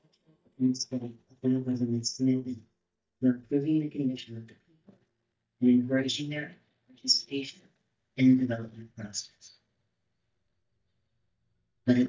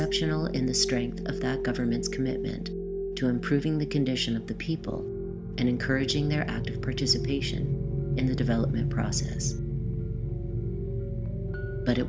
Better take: second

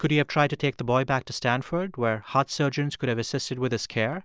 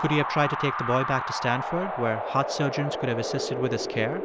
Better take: first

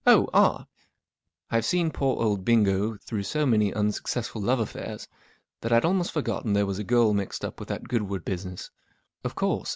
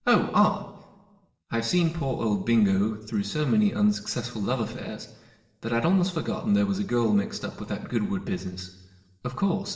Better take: first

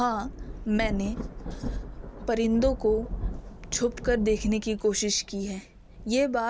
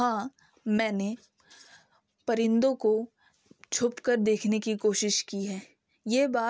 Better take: second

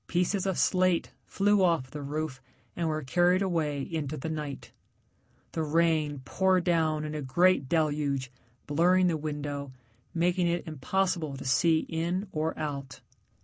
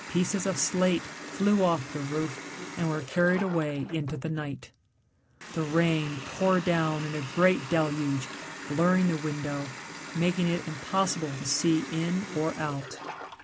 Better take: first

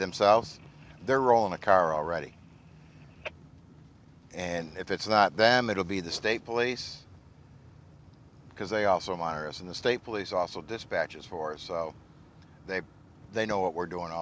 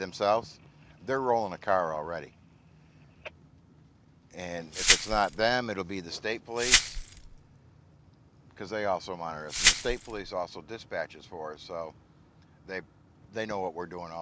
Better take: first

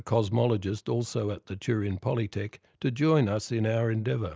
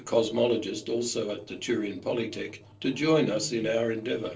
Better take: first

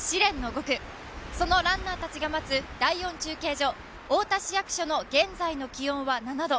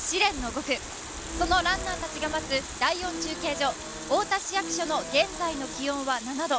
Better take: first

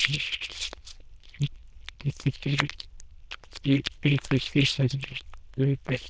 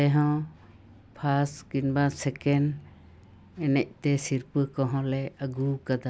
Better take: second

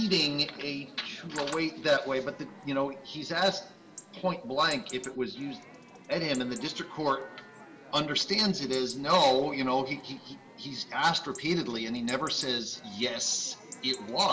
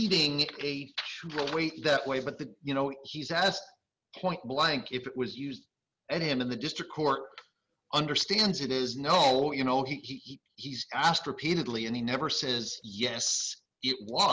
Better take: second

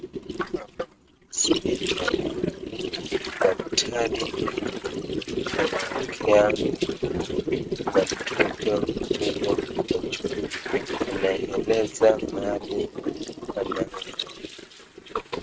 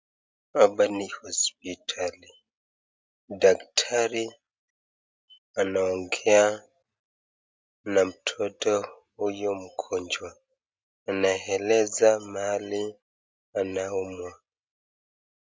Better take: second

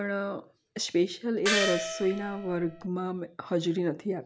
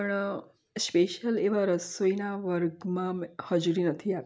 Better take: second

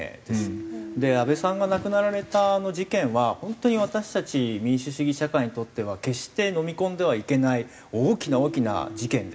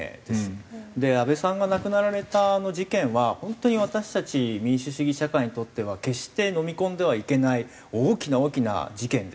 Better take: second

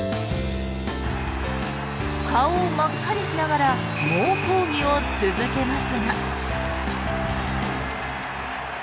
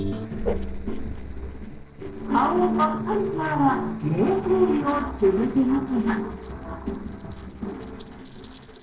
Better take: first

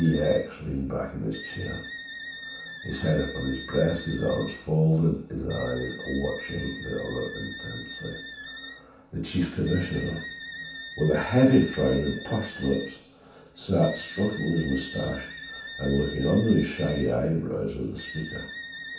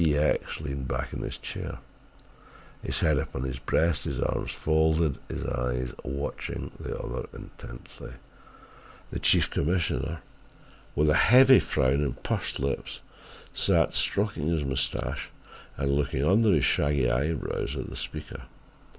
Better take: second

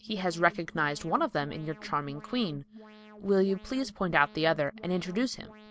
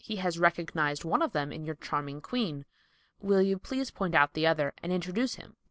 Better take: second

